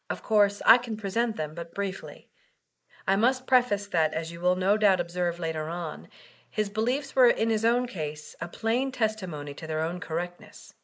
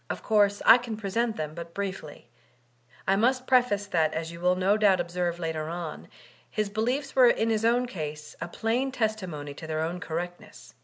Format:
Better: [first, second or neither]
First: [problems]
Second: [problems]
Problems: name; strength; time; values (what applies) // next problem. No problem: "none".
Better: second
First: noise reduction (neural mask model Resemble Enhance denoiser)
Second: none